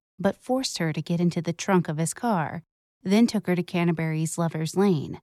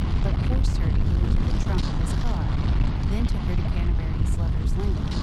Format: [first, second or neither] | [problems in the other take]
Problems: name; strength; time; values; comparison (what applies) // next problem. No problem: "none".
first | wind noise on the microphone; heavy; 4 dB above the speech